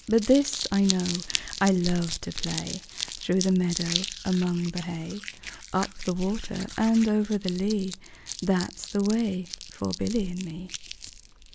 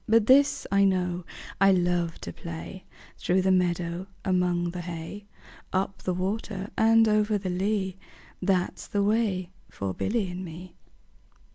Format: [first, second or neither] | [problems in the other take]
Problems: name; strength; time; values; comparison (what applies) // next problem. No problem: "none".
second | background sound (Crumpling, crinkling); 10 dB below the speech